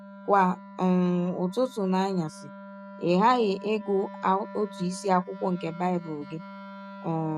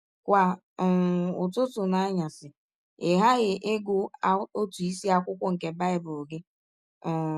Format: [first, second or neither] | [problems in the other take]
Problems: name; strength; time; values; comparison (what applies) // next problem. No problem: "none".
second | noise reduction (neural mask model RNNoise)